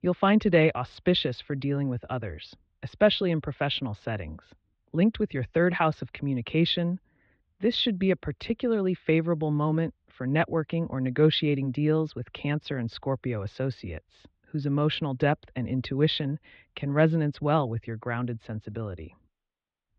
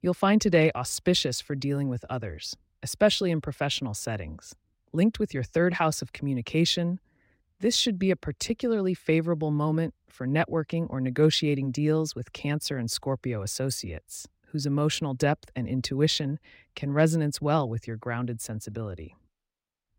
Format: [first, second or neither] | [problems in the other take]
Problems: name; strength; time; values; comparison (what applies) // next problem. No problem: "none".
second | muffled; slightly; fading above 3.5 kHz